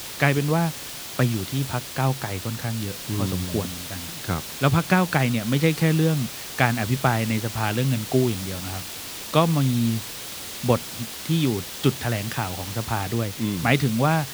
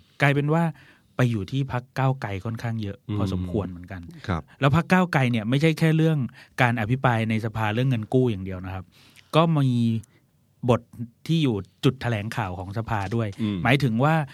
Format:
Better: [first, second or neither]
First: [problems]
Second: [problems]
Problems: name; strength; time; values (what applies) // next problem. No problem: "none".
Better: second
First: hiss; loud; throughout; 9 dB below the speech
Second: none